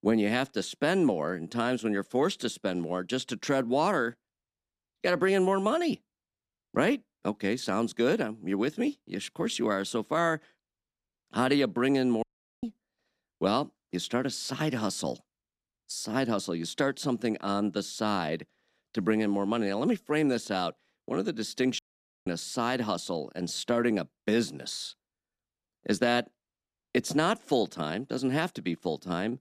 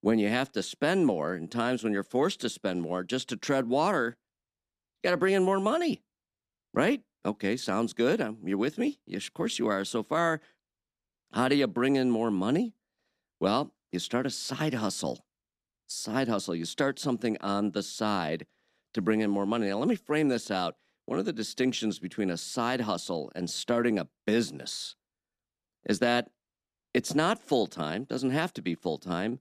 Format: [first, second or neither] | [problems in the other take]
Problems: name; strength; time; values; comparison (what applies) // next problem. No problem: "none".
second | audio cutting out; at 12 s and at 22 s